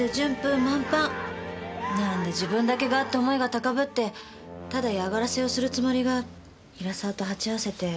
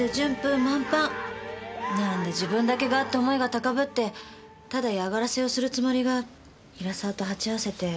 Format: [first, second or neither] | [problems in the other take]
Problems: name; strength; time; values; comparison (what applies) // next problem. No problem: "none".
second | background sound (Brass instrument); 15 dB below the speech